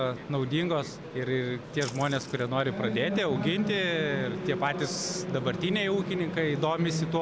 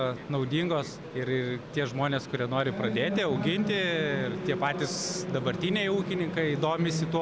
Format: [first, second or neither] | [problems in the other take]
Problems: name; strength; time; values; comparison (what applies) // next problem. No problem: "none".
second | background sound (Splash, splatter); 17 dB below the speech